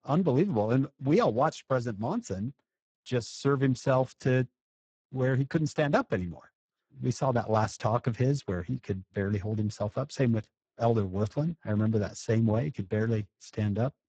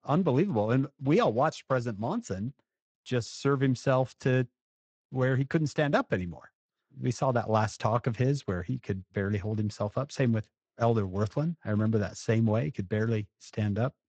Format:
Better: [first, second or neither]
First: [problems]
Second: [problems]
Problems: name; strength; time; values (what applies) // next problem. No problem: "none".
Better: second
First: garbled, watery; badly; nothing above 8 kHz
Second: garbled, watery; slightly; nothing above 8 kHz